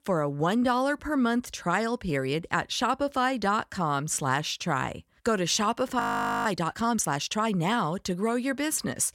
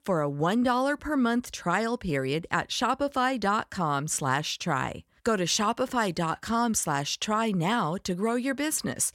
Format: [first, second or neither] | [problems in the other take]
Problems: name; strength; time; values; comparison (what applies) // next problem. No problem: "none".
second | audio freezing; at 6 s